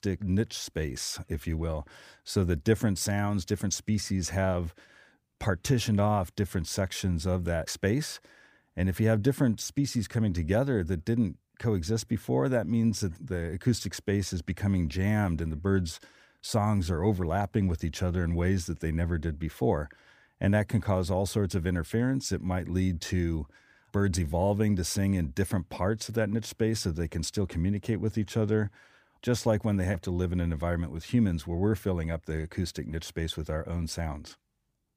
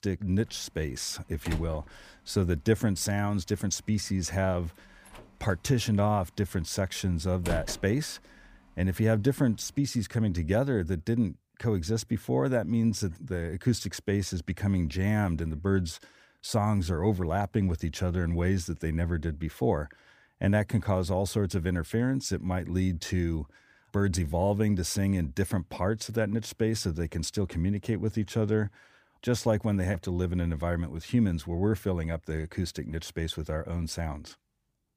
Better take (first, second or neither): first